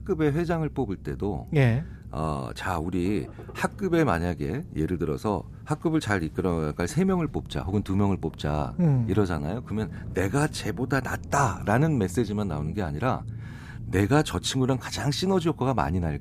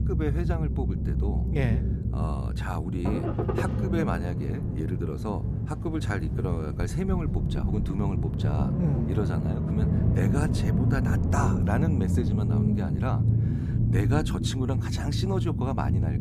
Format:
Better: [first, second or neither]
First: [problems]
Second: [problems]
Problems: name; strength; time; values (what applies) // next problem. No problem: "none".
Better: first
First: low rumble; faint; throughout; 20 dB below the speech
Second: low rumble; loud; throughout; 2 dB below the speech